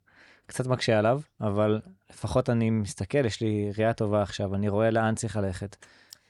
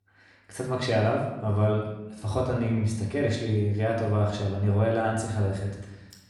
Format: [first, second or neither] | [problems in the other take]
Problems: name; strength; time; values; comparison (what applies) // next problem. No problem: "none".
first | off-mic speech; far // room echo; noticeable; dies away in 0.8 s